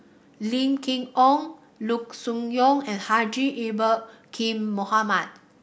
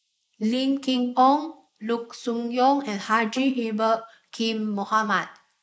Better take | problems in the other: first | noise reduction (neural mask model Resemble Enhance denoiser)

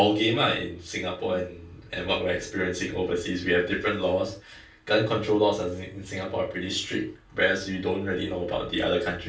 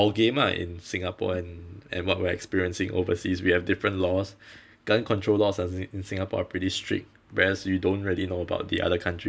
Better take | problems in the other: second | room echo; dies away in 0.3 s

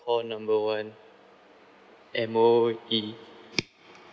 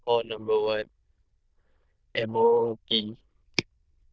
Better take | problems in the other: first | noise reduction (neural diffusion model UNIVERSE++)

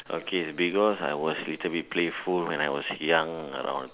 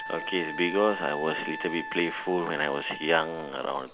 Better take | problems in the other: first | background sound (Wind instrument, woodwind instrument); 10 dB below the speech

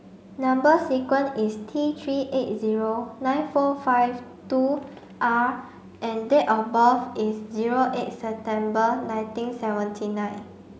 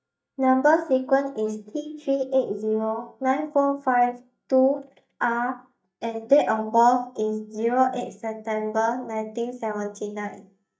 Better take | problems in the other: first | noise reduction (neural mask model DeepFilterNet 3)

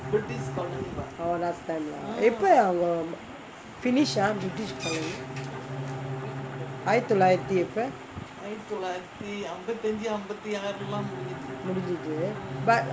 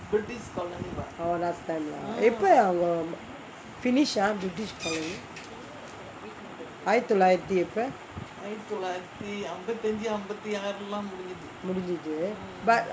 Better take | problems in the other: second | background sound (Bowed string instrument); 10 dB below the speech

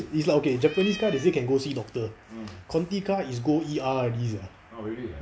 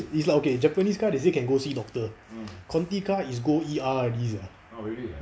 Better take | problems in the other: second | background sound (Cat); 12 dB below the speech

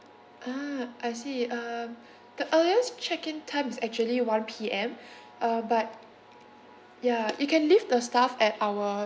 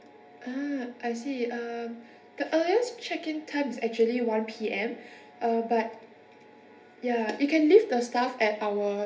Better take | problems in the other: first | room echo; dies away in 0.3 s

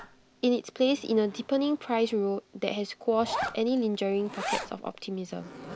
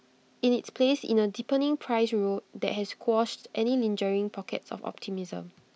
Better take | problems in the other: second | background sound (Zipper (clothing)); 11 dB below the speech

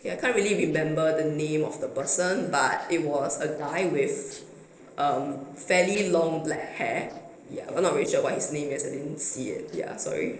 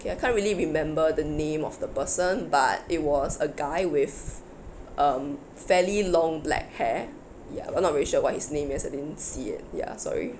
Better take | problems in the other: second | noise reduction (neural separator model SepFormer DNS4)

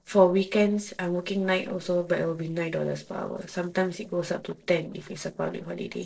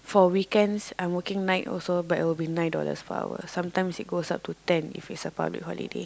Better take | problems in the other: second | noise reduction (neural separator model SepFormer DNS4)

